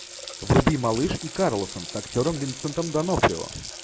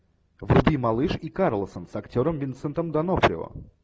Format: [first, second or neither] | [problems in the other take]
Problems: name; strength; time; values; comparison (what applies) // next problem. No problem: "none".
second | background sound (Water tap, faucet); 12 dB below the speech